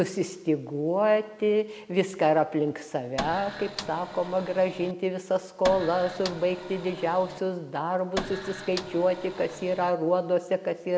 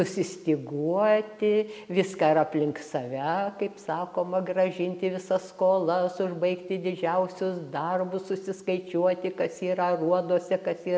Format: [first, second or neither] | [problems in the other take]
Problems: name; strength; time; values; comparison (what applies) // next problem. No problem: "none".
second | background sound (Printer); 11 dB below the speech